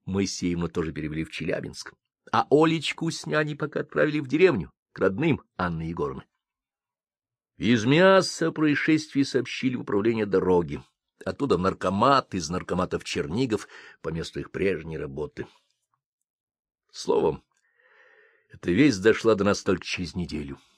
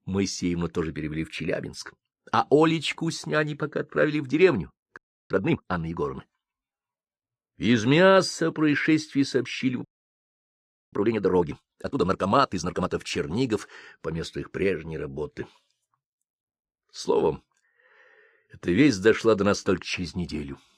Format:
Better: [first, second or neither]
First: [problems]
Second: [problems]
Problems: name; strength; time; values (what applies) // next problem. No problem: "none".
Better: first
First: none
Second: audio freezing; at 5 s and at 10 s for 1 s